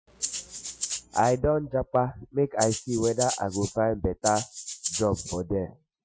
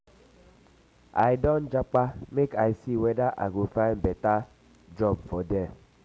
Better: second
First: noise reduction (classical method Wiener filter)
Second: none

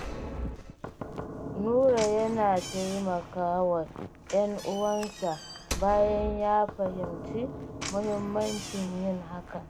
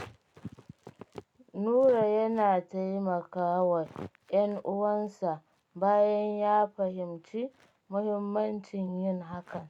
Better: second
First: background sound (Knock / Slam); 10 dB below the speech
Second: none

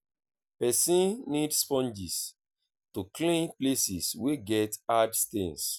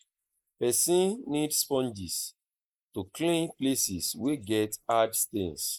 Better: first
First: none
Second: noise reduction (neural mask model Resemble Enhance denoiser)

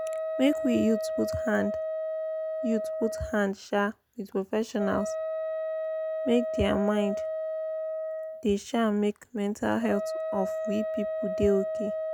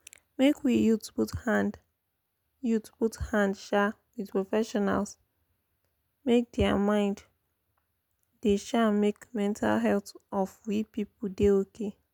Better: second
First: background sound (Wind instrument, woodwind instrument); 3 dB below the speech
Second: none

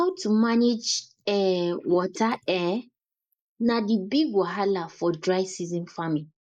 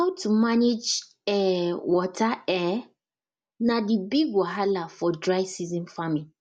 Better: second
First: noise reduction (neural mask model Resemble Enhance denoiser)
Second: none

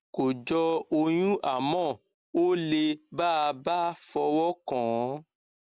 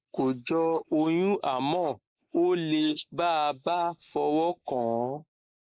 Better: first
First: none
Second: noise reduction (neural mask model Resemble Enhance denoiser)

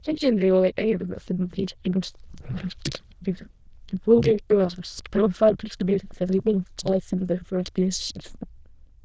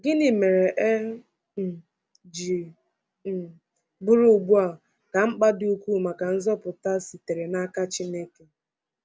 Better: second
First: noise reduction (neural diffusion model UNIVERSE++)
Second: none

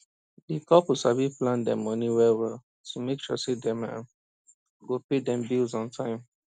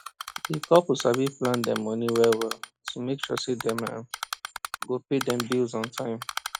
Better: first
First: none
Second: noise reduction (classical method log-MMSE)

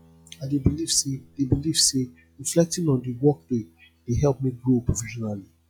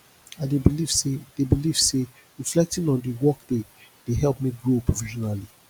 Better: second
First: noise reduction (classical method log-MMSE)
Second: none

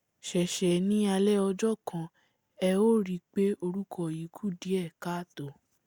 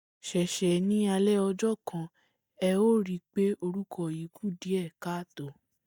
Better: first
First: none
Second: noise reduction (neural mask model DeepFilterNet 3)

